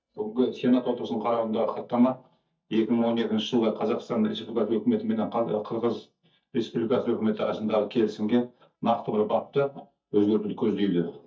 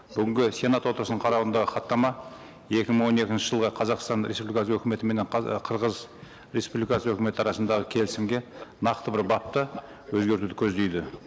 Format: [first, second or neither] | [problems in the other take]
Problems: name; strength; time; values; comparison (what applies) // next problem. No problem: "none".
second | noise reduction (neural mask model DeepFilterNet 3)